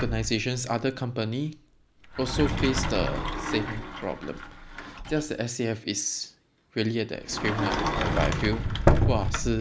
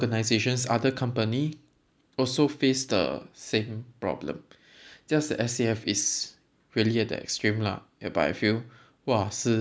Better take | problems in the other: second | background sound (Sliding door); 1 dB above the speech

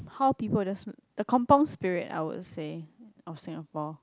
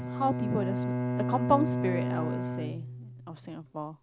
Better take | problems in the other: first | background sound (Bowed string instrument); as loud as the speech

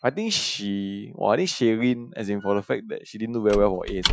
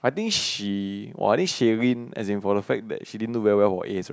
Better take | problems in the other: second | noise reduction (classical method Wiener filter)

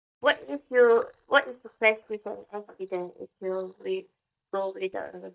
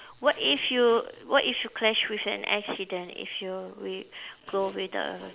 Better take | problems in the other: second | noise reduction (neural mask model DeepFilterNet 3)

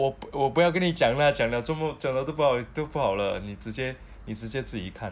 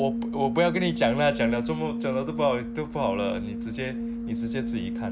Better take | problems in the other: first | background sound (Brass instrument); 3 dB below the speech

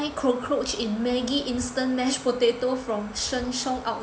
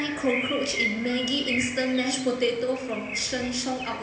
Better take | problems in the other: first | background sound (Bird); 7 dB below the speech // room echo; dies away in 1.4 s

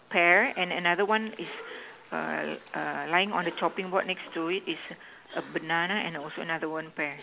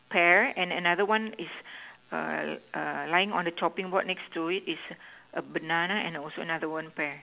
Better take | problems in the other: second | background sound (Cough + Applause / Crowd); 20 dB below the speech

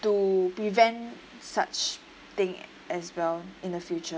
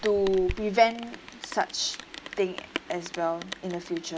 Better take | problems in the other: first | background sound (Rain); 12 dB below the speech

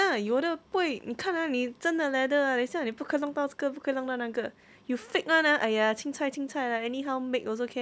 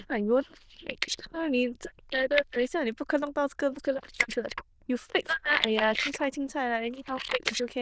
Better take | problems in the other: first | noise reduction (neural diffusion model UNIVERSE++)

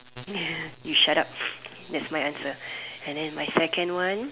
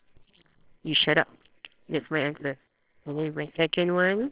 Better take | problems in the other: first | noise reduction (neural separator model SepFormer WHAMR!)

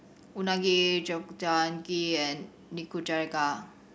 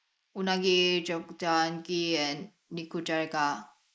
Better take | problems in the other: first | noise reduction (neural mask model Resemble Enhance denoiser)

